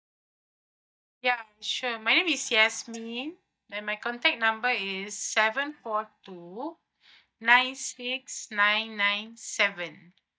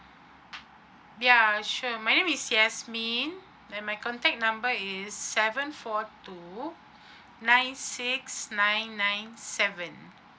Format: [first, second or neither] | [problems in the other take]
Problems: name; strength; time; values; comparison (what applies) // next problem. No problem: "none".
second | noise reduction (neural mask model DeepFilterNet 3)